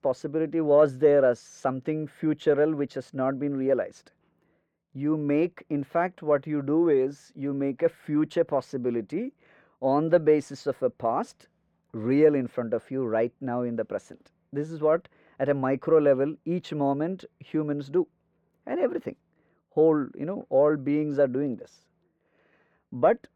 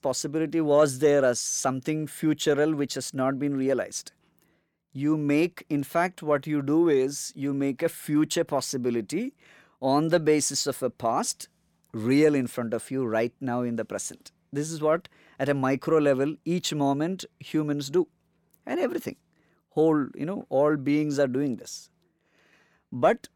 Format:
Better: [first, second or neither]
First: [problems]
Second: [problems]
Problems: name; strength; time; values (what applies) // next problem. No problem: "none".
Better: second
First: muffled; very; fading above 4 kHz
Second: none